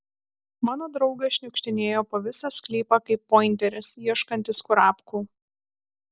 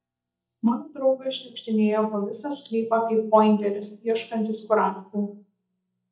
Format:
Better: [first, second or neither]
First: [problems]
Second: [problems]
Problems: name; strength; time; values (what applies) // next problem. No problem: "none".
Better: first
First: none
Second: noise reduction (neural mask model DeepFilterNet 3)